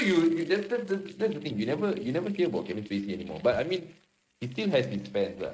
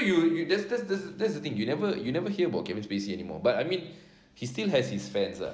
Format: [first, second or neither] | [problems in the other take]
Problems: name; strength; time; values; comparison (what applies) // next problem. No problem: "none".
second | noise reduction (neural mask model RNNoise)